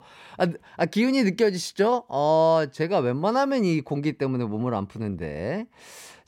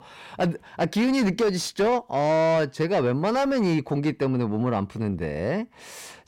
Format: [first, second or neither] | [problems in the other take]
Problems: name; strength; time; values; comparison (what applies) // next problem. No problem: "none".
first | distortion; slight; 10 dB below the speech